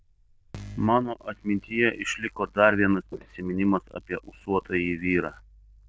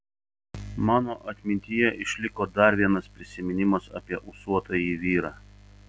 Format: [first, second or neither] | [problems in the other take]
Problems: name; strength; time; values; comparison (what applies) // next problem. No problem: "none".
second | noise reduction (neural diffusion model UNIVERSE++)